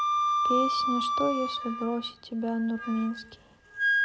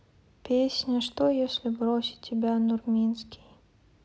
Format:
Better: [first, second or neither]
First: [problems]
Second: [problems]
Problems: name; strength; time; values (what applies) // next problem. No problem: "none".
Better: second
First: background sound (Wind instrument, woodwind instrument); 2 dB above the speech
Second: none